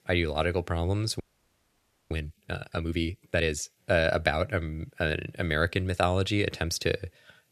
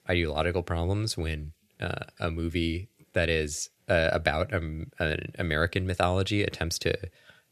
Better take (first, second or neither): second